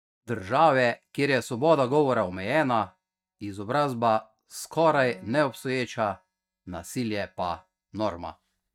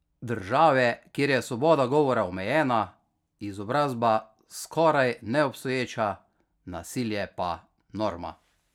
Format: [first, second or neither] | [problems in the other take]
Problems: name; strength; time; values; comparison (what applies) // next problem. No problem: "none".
second | noise reduction (neural mask model DeepFilterNet 3)